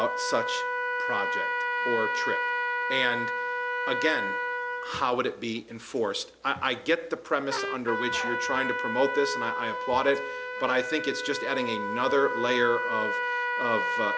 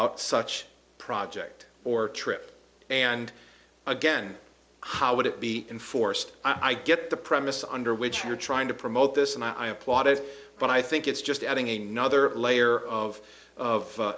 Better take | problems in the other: second | background sound (Trumpet); 1 dB below the speech

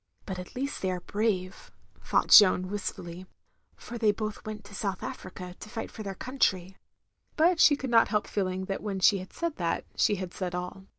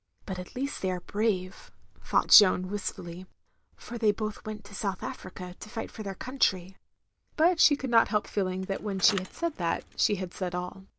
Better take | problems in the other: first | background sound (Bicycle); 16 dB below the speech

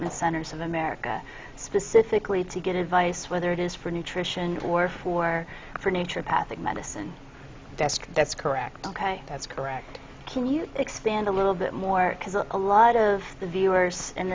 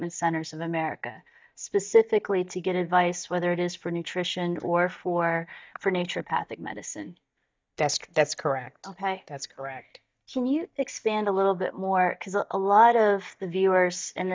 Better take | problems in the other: first | noise reduction (neural mask model DeepFilterNet 3)

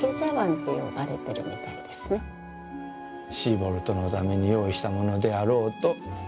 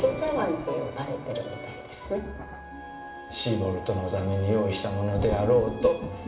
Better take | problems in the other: first | background sound (Thunder); 12 dB below the speech // room echo; dies away in 0.9 s

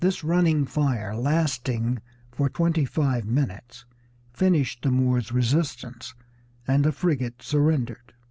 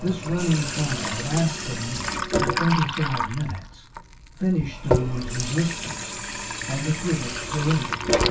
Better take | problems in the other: first | background sound (Sink (filling or washing) / Water tap, faucet); 1 dB below the speech // room echo; dies away in 0.2 s

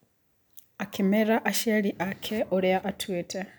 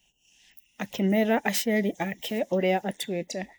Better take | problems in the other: first | noise reduction (neural mask model Resemble Enhance denoiser)

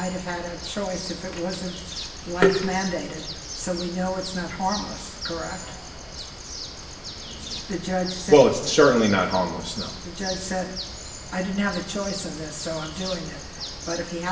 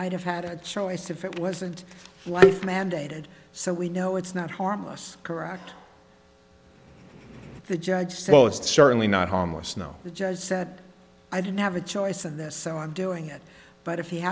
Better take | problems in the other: second | background sound (Bird); 10 dB below the speech // room echo; dies away in 1.1 s

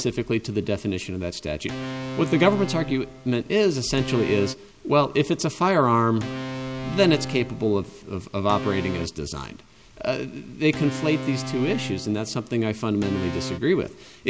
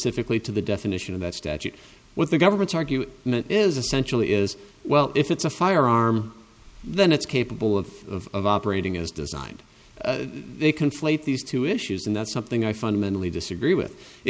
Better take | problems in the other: second | background sound (Organ); 11 dB below the speech

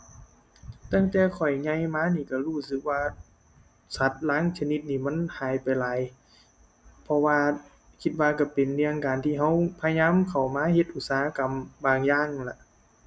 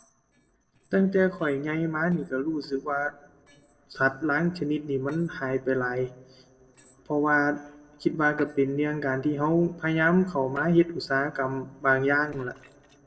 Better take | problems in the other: first | noise reduction (neural separator model SepFormer DNS4)

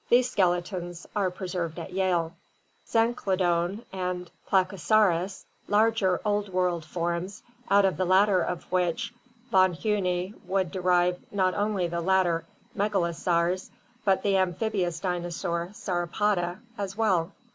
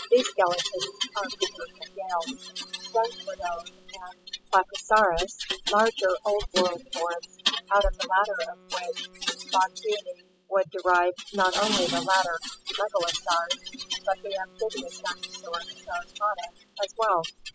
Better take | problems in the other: first | noise reduction (classical method spectral subtraction)

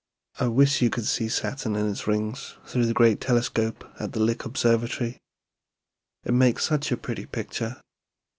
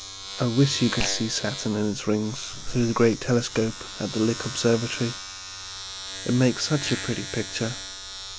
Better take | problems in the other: first | background sound (Domestic sounds, home sounds); 9 dB below the speech

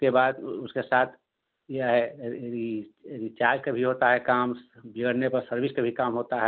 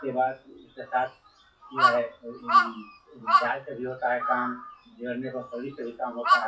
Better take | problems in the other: first | noise reduction (classical method WPE with log-MMSE)

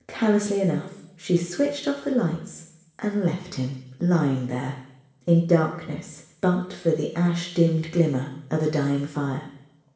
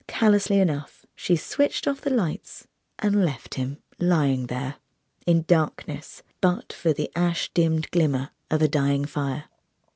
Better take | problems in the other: second | room echo; dies away in 0.8 s

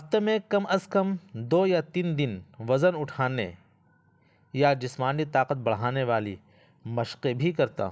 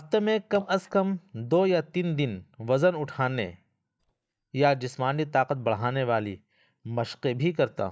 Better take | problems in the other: first | noise reduction (neural mask model DeepFilterNet 3)

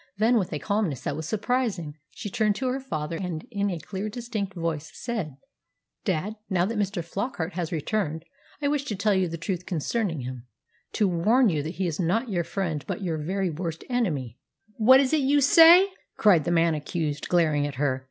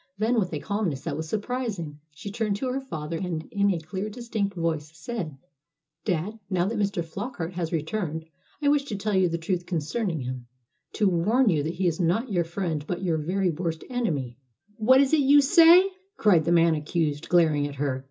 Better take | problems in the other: first | room echo; dies away in 0.2 s

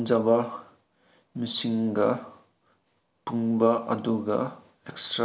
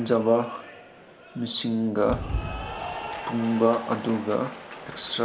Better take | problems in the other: first | background sound (Applause / Cheering); 9 dB below the speech

